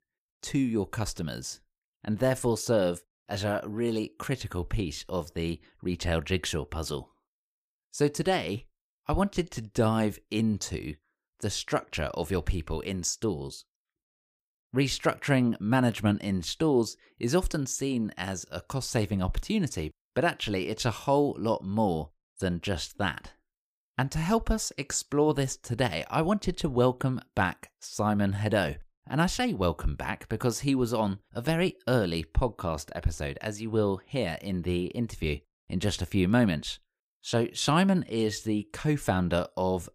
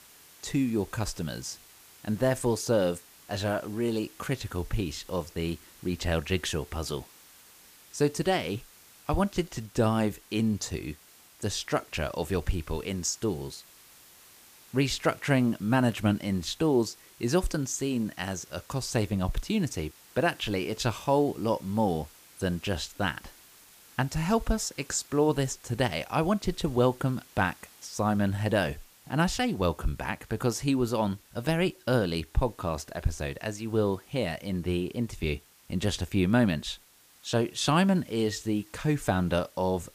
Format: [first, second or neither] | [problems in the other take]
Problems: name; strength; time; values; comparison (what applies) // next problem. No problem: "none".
first | hiss; faint; throughout; 25 dB below the speech